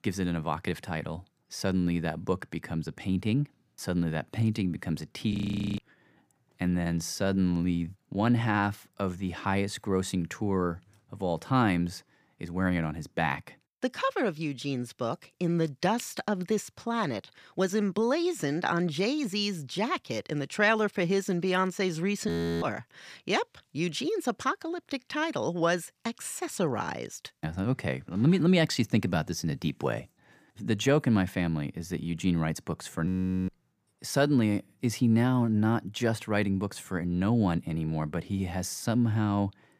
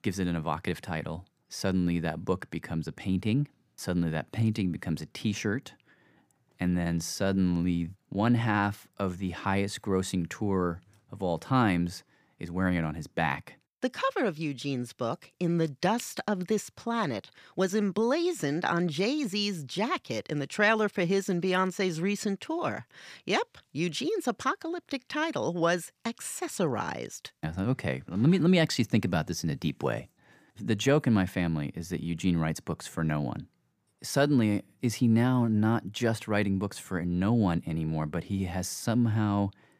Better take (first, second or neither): second